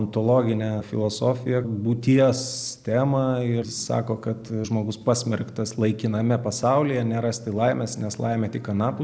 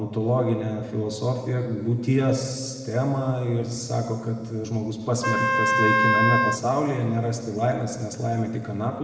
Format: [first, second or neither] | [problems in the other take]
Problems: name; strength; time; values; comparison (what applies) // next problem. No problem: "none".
first | background sound (Wind instrument, woodwind instrument); 3 dB above the speech // room echo; dies away in 1.7 s